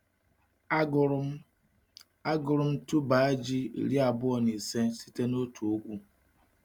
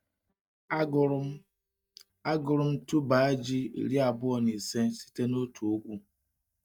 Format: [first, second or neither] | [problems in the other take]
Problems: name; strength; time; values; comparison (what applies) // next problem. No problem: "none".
first | noise reduction (neural mask model DeepFilterNet 3)